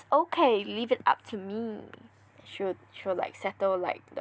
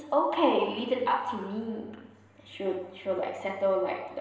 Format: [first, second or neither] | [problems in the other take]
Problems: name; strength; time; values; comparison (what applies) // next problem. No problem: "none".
first | room echo; dies away in 1.1 s